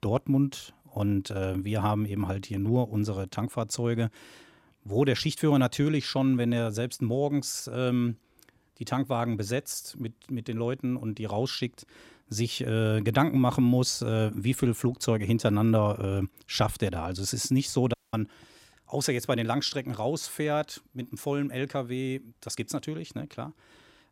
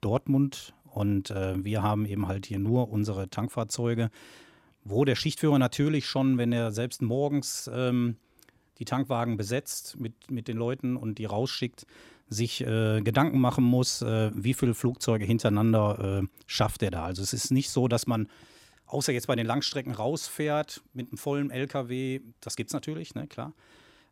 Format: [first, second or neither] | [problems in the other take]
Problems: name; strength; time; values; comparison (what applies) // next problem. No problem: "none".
second | audio cutting out; at 18 s